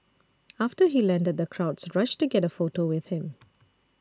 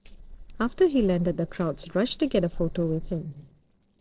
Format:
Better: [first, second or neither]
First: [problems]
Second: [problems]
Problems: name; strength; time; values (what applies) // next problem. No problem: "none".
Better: first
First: none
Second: noise reduction (neural separator model SepFormer DNS4)